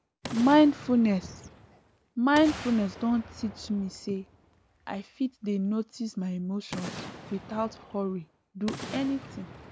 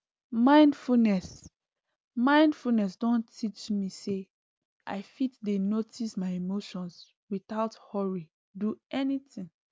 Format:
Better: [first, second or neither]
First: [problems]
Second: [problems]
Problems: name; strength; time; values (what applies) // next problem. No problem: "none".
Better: second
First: background sound (Boom); 15 dB below the speech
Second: none